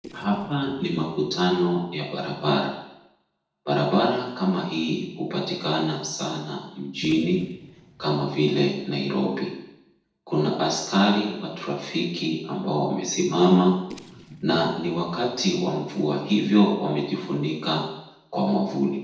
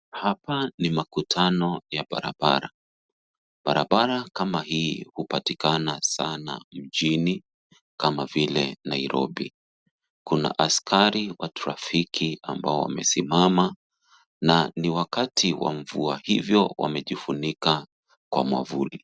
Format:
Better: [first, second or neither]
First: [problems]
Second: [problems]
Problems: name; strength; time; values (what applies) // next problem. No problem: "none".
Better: second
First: noise reduction (neural separator model SepFormer DNS4)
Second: none